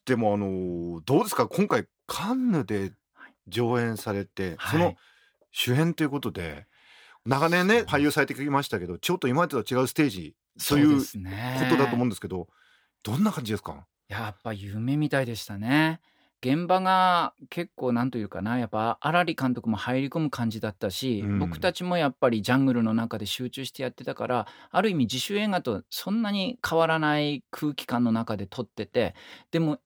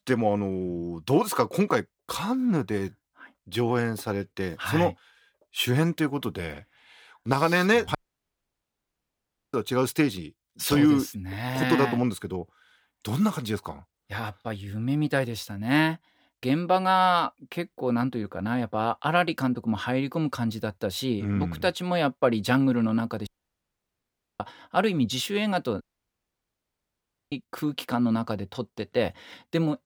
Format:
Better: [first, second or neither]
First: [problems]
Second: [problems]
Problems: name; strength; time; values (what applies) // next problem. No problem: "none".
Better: first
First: none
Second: audio cutting out; at 8 s for 1.5 s, at 23 s for 1 s and at 26 s for 1.5 s